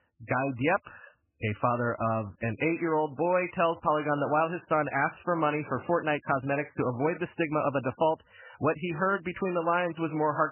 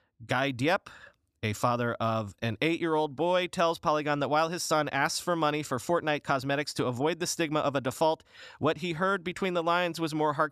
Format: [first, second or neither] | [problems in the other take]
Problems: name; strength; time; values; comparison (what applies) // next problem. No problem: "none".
second | garbled, watery; badly; nothing above 3 kHz